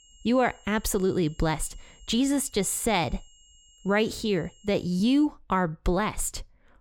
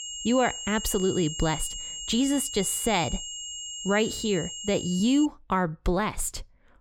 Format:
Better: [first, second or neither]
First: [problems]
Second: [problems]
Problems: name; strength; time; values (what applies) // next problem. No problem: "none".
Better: first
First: high-pitched whine; faint; until 5.5 s; 3 kHz, 30 dB below the speech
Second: high-pitched whine; loud; until 5.5 s; 3 kHz, 7 dB below the speech